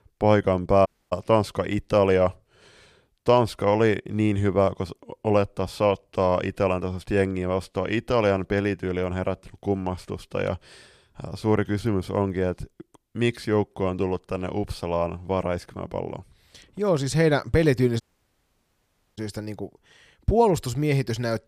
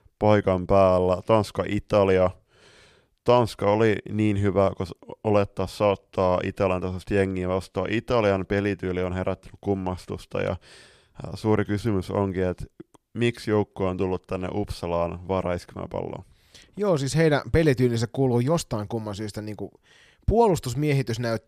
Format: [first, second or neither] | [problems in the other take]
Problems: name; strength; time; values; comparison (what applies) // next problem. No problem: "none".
second | audio cutting out; at 1 s and at 18 s for 1 s